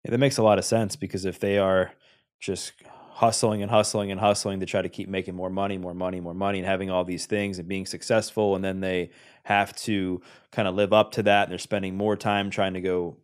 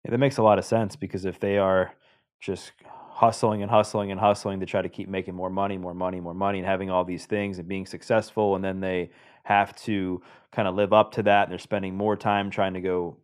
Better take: first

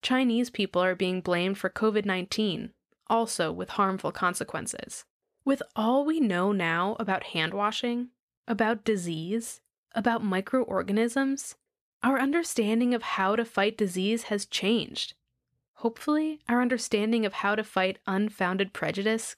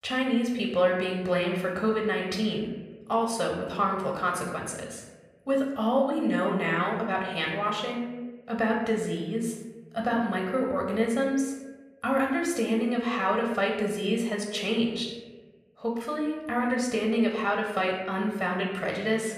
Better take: first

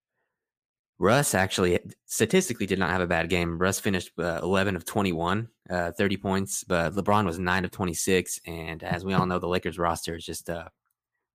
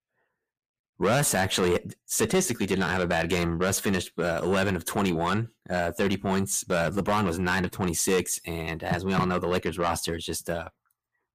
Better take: first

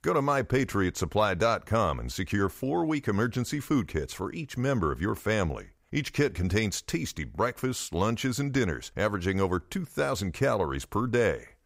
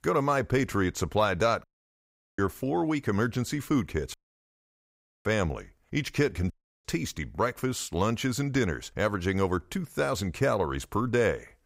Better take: first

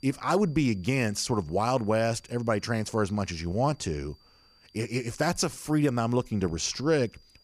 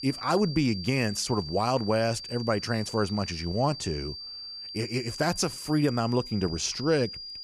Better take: first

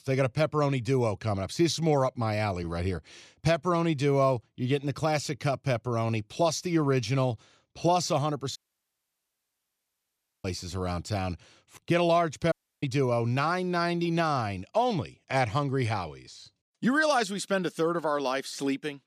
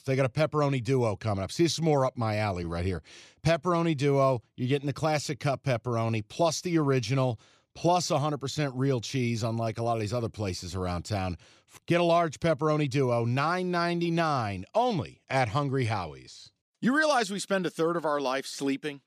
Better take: second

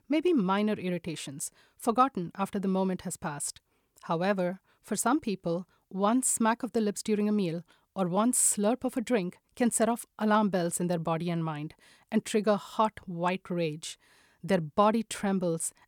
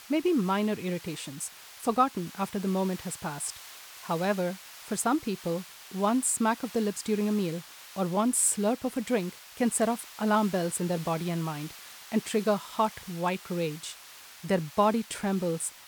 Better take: first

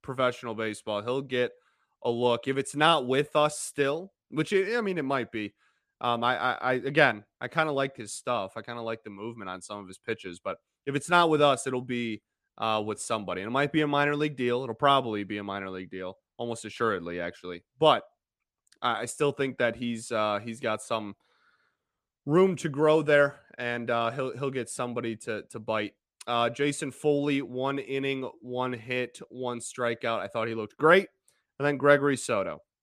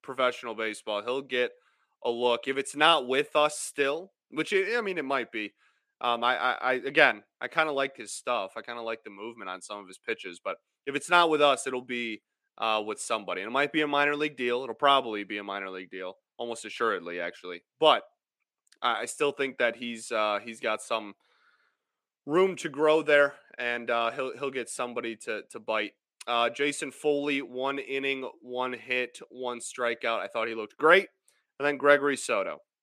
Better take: first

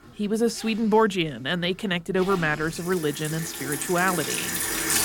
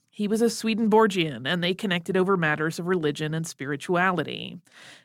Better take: second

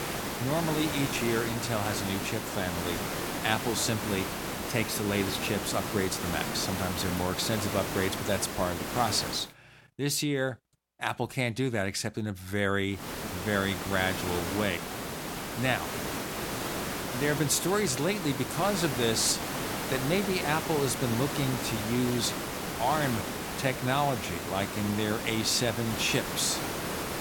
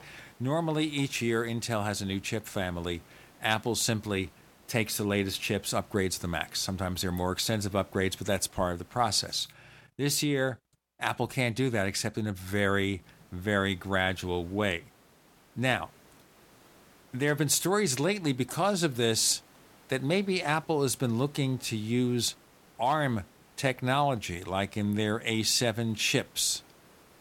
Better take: second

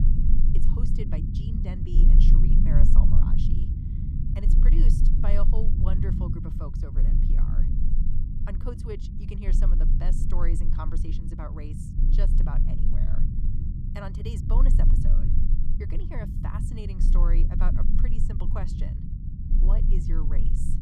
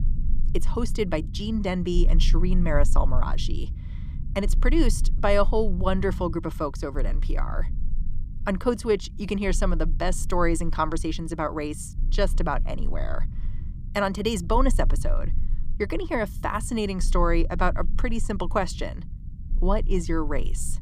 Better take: second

